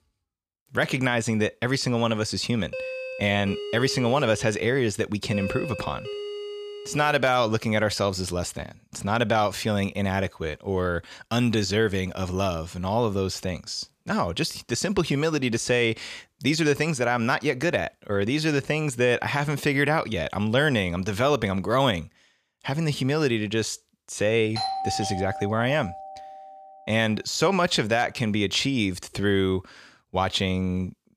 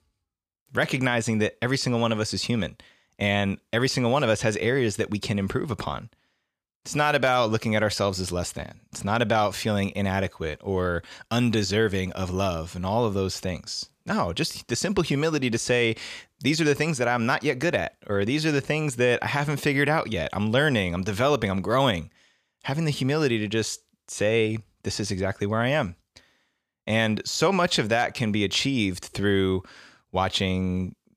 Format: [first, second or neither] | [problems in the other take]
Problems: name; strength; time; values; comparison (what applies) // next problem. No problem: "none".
second | doorbell; noticeable; from 2.5 to 7 s and from 25 to 27 s; peak 3 dB below the speech